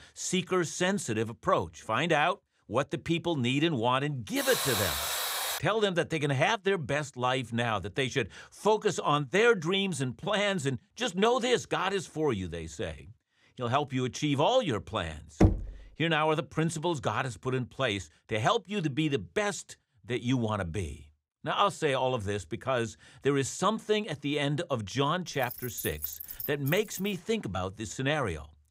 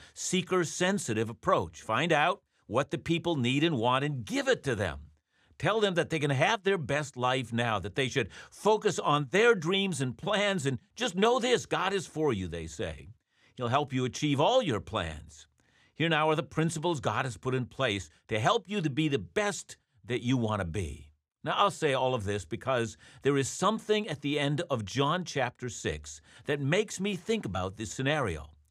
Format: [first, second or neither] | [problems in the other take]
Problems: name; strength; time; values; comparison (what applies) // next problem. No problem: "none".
second | alarm; loud; from 4.5 to 5.5 s; peak 1 dB above the speech // door banging; loud; at 15 s; peak 4 dB above the speech // jangling keys; noticeable; from 25 to 27 s; peak 6 dB below the speech